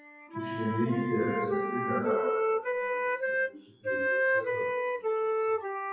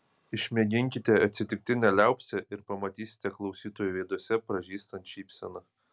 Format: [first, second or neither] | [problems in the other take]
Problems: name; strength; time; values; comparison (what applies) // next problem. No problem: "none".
second | noise reduction (classical method WPE with log-MMSE)